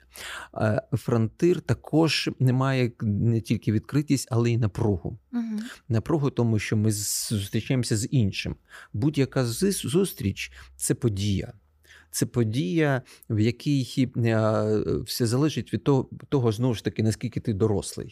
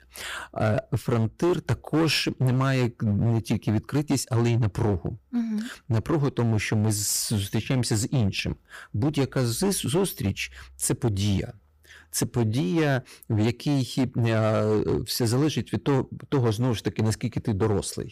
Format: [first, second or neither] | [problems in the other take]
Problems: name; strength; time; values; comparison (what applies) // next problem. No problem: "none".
first | distortion; slight; 13% of the sound clipped